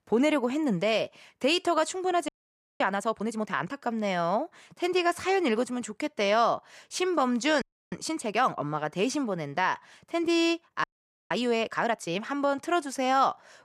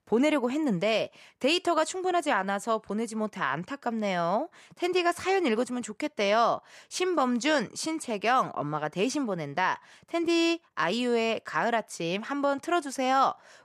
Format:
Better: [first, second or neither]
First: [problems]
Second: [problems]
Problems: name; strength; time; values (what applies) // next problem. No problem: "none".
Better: second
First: audio freezing; at 2.5 s for 0.5 s, at 7.5 s and at 11 s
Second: none